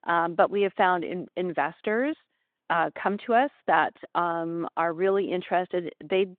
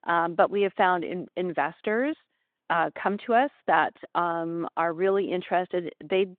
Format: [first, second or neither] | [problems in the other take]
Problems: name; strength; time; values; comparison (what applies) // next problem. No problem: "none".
neither | phone-call audio; the same in both